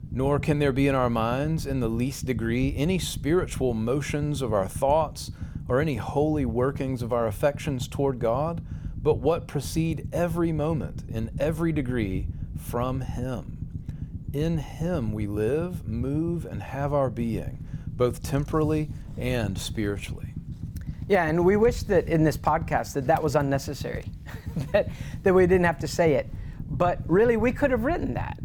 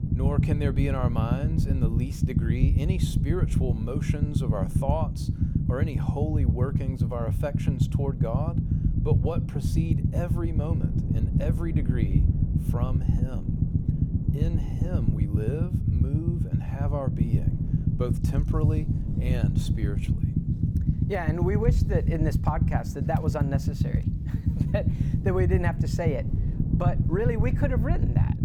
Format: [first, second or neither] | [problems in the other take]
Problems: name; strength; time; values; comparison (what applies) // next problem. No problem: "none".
first | low rumble; loud; throughout; 3 dB below the speech; faint in the first